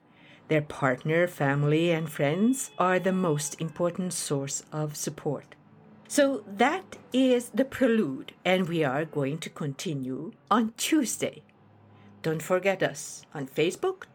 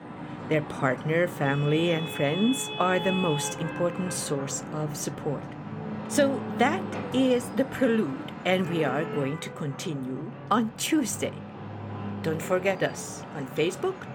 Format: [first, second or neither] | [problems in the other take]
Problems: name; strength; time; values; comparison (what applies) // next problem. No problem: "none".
first | traffic noise; loud; throughout; 8 dB below the speech; faint in the first